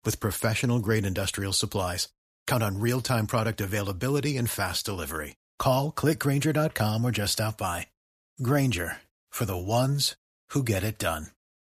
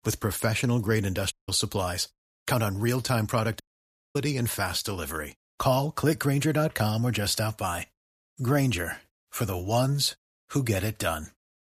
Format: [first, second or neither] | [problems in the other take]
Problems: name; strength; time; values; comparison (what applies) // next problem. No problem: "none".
first | audio cutting out; at 1.5 s and at 3.5 s for 0.5 s